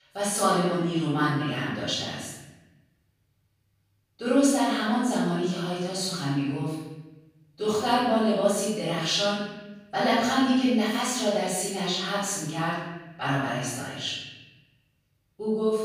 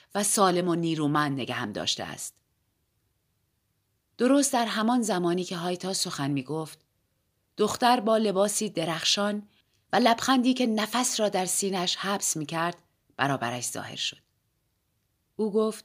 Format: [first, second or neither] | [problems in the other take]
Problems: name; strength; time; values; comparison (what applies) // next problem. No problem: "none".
second | off-mic speech; far // room echo; strong; dies away in 1.1 s